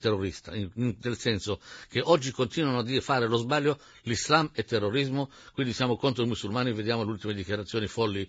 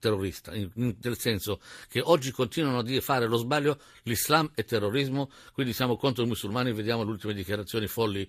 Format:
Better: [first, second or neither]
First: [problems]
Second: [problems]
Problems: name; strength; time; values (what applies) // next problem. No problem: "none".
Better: second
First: garbled, watery; badly; nothing above 7.5 kHz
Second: garbled, watery; slightly; nothing above 14.5 kHz